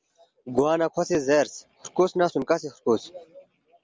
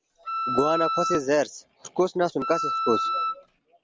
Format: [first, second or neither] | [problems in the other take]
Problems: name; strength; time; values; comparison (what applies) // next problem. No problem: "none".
first | background sound (Wind instrument, woodwind instrument); 1 dB below the speech